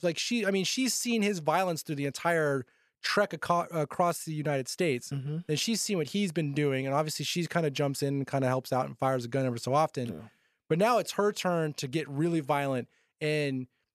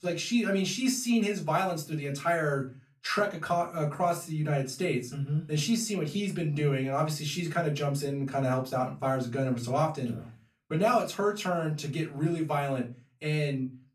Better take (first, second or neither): first